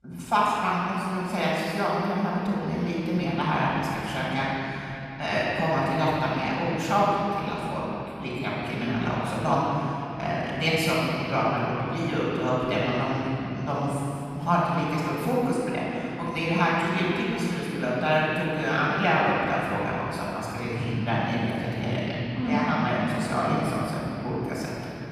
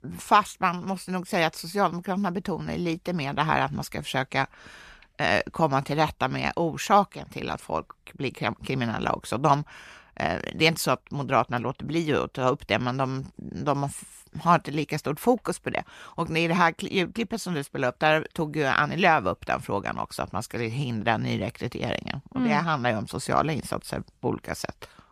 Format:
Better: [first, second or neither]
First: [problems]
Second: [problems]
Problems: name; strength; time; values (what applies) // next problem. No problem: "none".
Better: second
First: off-mic speech; far // room echo; strong; dies away in 3 s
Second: none